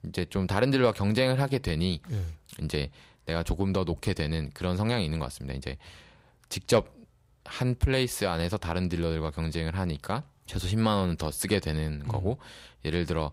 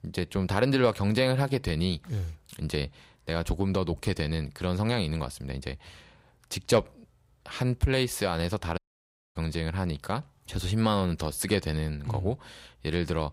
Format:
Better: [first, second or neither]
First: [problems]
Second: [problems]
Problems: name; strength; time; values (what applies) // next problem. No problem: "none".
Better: first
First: none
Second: audio cutting out; at 9 s for 0.5 s